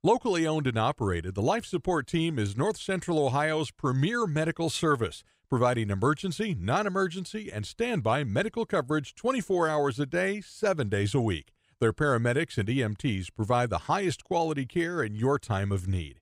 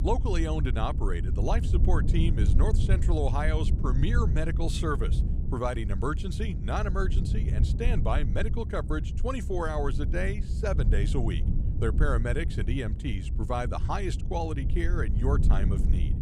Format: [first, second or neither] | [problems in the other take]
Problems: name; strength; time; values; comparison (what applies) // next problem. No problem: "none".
first | low rumble; loud; throughout; 10 dB below the speech